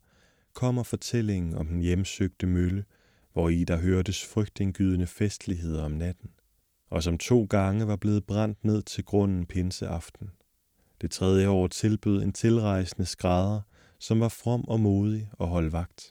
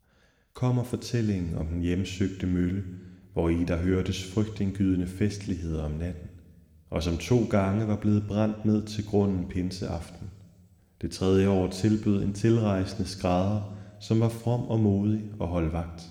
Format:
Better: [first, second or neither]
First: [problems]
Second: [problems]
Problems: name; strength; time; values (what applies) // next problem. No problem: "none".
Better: first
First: none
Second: room echo; very slight; dies away in 1.3 s